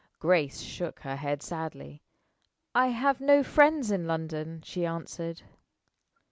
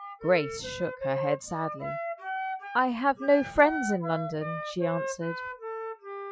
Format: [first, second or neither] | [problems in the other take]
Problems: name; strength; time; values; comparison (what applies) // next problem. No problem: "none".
first | noise reduction (classical method Wiener filter)